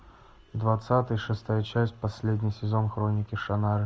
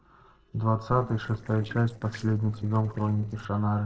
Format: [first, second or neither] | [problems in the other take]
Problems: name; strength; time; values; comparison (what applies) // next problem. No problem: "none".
first | noise reduction (neural separator model SepFormer DNS4)